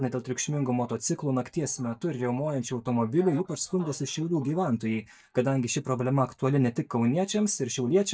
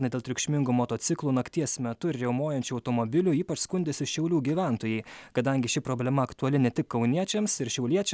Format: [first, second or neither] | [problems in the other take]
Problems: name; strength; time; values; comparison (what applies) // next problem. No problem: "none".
second | noise reduction (neural mask model DeepFilterNet 3)